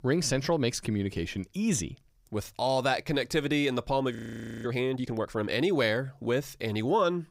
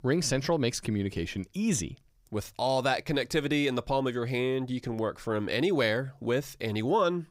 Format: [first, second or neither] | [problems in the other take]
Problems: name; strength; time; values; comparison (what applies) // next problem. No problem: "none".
second | audio freezing; at 4 s